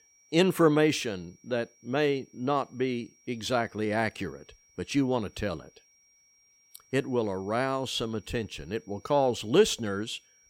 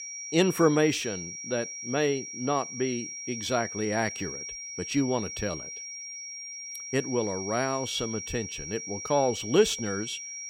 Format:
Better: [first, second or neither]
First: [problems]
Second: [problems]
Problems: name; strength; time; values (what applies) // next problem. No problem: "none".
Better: first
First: high-pitched whine; faint; throughout; 5.5 kHz, 30 dB below the speech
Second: high-pitched whine; loud; throughout; 5.5 kHz, 7 dB below the speech